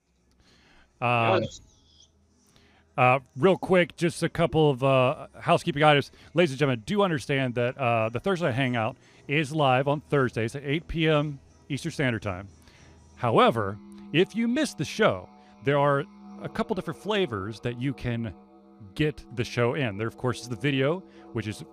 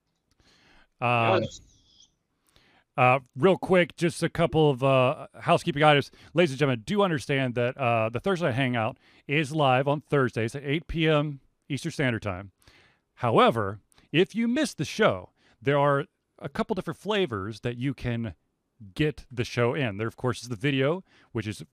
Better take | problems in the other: second | background music; faint; throughout; 25 dB below the speech

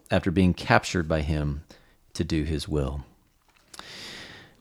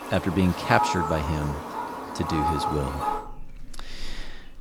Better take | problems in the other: first | animal sounds; loud; throughout; 3 dB below the speech

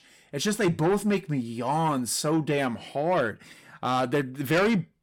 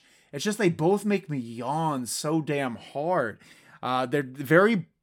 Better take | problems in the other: second | distortion; heavy; 8 dB below the speech

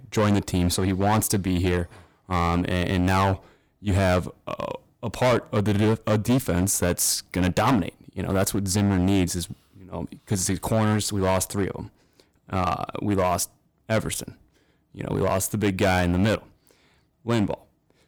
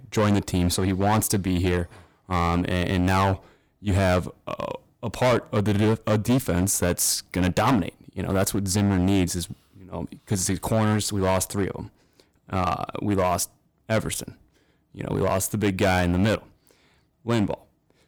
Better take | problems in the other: neither | distortion; heavy; 8% of the sound clipped; the same in both

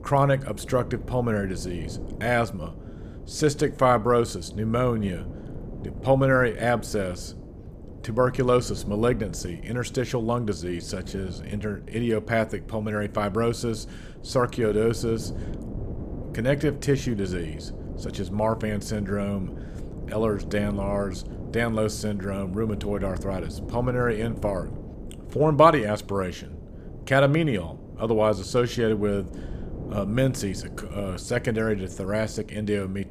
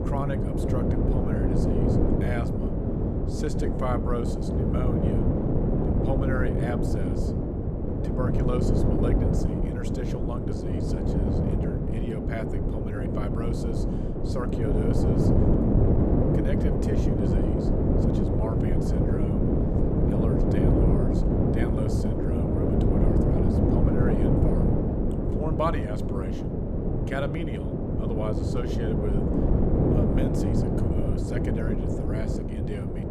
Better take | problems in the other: first | wind noise on the microphone; heavy; 5 dB above the speech; occasional gusts in the first

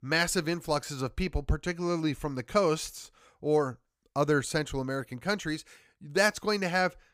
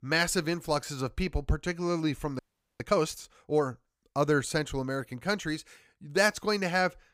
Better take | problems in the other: first | audio freezing; at 2.5 s

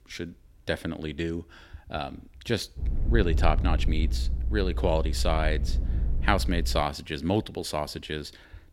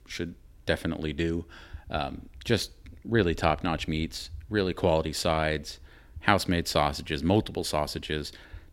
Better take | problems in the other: second | low rumble; noticeable; from 3 to 7 s; 15 dB below the speech

